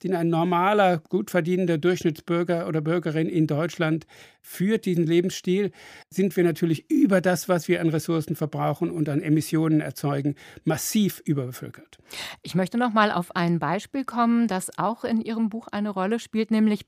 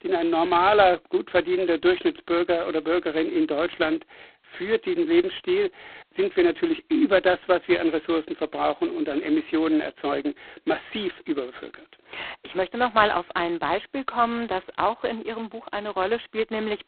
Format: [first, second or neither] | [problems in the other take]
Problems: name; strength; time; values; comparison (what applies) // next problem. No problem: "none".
first | phone-call audio; poor line; nothing above 4 kHz